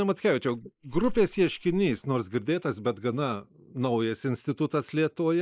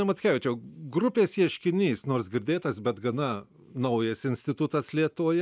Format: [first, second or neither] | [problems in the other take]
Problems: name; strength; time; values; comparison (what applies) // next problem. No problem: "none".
second | noise reduction (neural mask model Resemble Enhance denoiser)